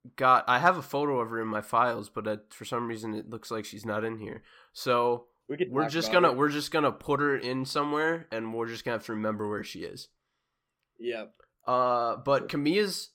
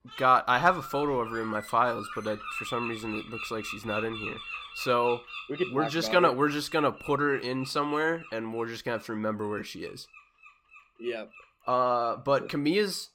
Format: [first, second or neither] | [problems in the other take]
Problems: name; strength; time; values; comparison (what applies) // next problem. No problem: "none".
first | animal sounds; noticeable; throughout; 10 dB below the speech